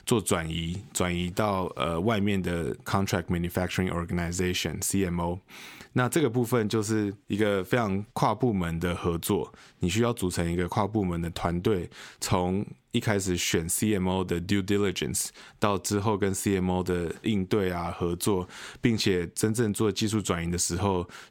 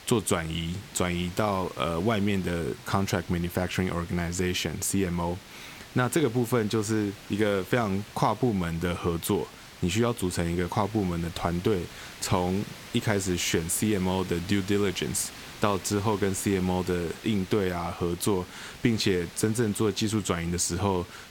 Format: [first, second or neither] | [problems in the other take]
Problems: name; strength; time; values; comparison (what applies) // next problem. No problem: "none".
first | hiss; noticeable; throughout; 15 dB below the speech